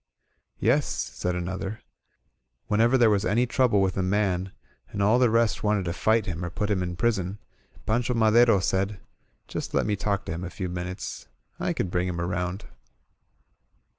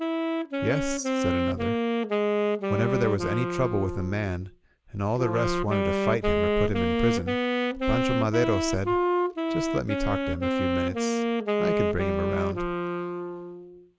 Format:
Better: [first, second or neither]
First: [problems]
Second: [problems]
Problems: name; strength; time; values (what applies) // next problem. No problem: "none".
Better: first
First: none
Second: background sound (Wind instrument, woodwind instrument); 3 dB above the speech